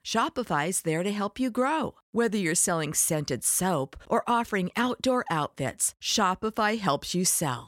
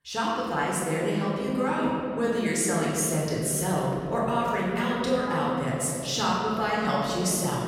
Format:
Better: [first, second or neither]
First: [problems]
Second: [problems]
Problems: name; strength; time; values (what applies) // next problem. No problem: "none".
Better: first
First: none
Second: off-mic speech; far // room echo; strong; dies away in 3 s